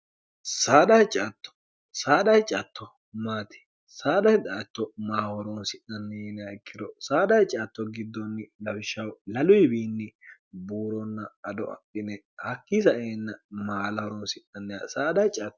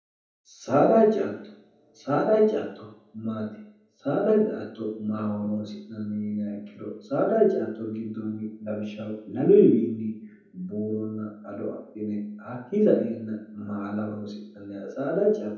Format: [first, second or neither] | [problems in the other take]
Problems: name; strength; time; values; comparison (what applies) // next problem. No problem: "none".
first | room echo; dies away in 0.7 s